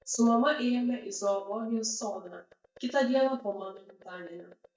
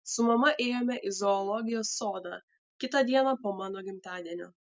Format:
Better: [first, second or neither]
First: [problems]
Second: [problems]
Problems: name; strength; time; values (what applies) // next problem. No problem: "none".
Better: second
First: noise reduction (neural mask model DeepFilterNet 3)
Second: none